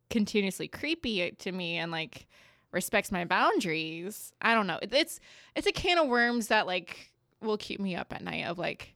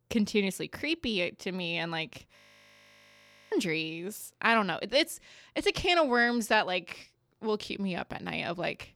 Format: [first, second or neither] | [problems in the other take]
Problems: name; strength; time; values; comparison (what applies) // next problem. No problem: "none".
first | audio freezing; at 2.5 s for 1 s